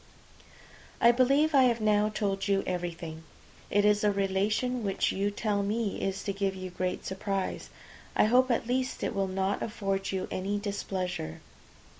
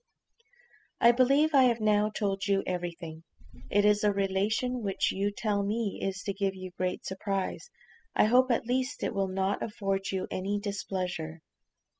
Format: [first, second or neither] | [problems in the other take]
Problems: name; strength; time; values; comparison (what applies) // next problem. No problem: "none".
first | noise reduction (classical method spectral subtraction)